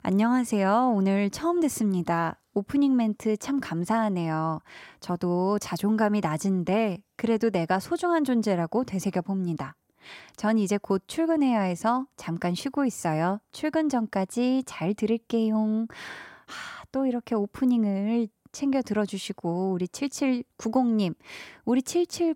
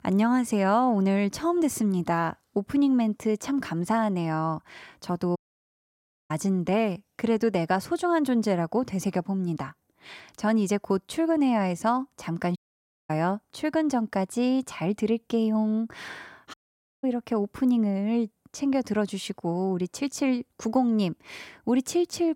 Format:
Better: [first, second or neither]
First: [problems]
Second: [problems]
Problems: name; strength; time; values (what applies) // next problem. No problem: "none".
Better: first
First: none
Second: audio cutting out; at 5.5 s for 1 s, at 13 s for 0.5 s and at 17 s